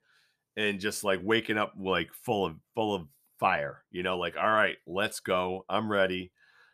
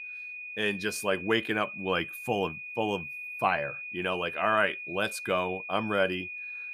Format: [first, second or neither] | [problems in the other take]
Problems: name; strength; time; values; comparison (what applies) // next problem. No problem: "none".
first | high-pitched whine; loud; throughout; 2.5 kHz, 7 dB below the speech